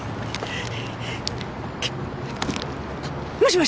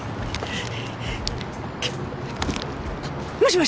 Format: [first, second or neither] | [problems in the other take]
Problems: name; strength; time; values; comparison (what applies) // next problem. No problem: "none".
first | background sound (Drum kit); 12 dB below the speech